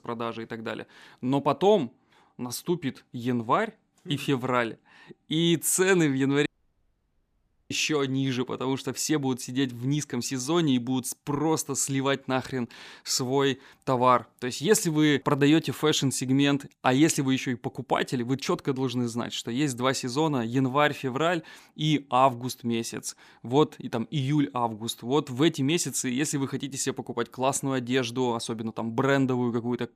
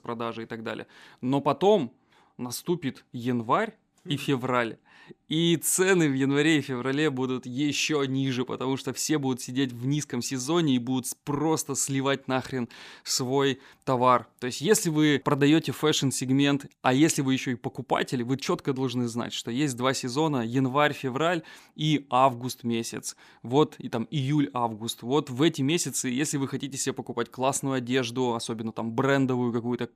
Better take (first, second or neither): second